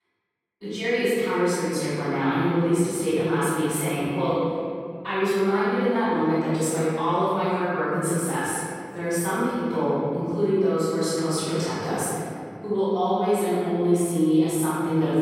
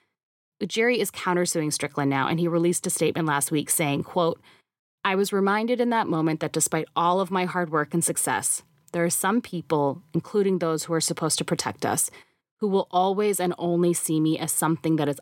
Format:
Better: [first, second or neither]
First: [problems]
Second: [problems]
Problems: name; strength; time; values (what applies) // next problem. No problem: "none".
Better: second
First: room echo; strong; dies away in 2.3 s // off-mic speech; far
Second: none